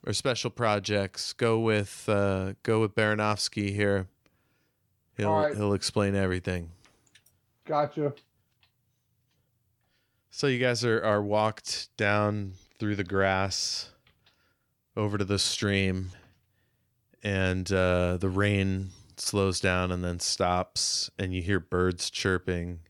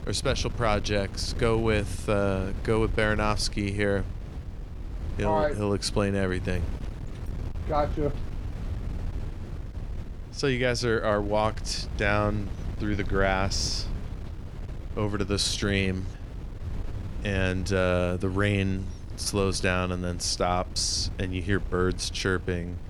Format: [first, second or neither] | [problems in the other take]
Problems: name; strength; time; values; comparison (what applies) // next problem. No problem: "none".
first | wind noise on the microphone; occasional gusts; 20 dB below the speech